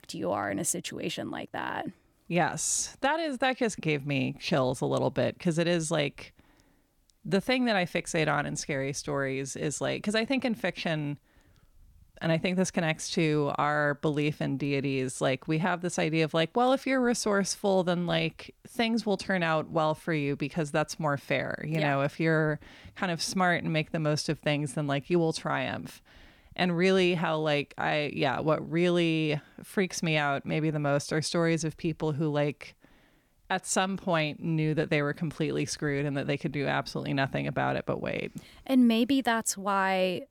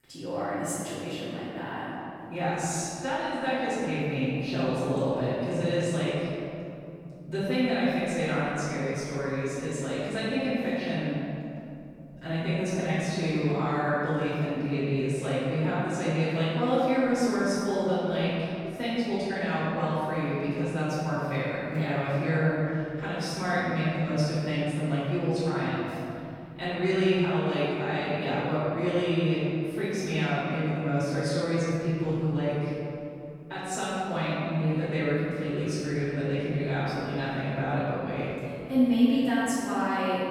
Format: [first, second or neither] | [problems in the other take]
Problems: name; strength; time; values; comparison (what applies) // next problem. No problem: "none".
first | off-mic speech; far // room echo; strong; dies away in 2.9 s